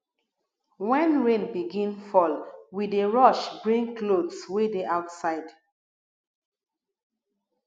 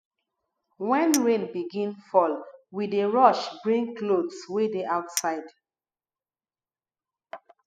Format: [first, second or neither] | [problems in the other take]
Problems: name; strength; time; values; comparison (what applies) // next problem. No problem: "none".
first | noise reduction (classical method spectral subtraction)